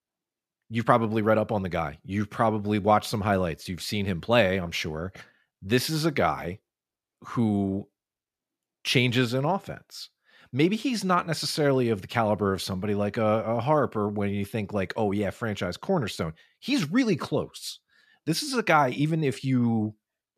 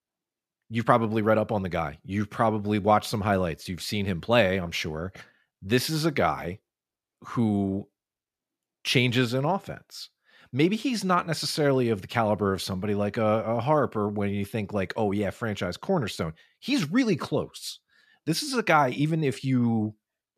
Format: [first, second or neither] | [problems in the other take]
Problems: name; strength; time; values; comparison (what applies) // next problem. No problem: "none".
neither | none